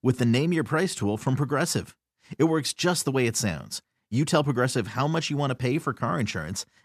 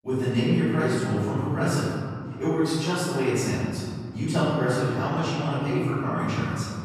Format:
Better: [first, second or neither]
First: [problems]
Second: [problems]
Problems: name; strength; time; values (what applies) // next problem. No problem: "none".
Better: first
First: none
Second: off-mic speech; far // room echo; strong; dies away in 2.4 s